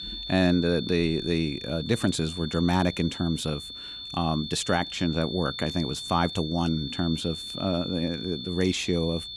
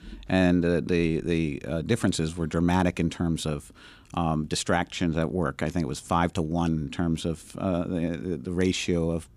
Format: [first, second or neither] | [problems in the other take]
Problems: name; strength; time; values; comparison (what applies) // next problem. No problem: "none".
second | high-pitched whine; loud; throughout; 3.5 kHz, 8 dB below the speech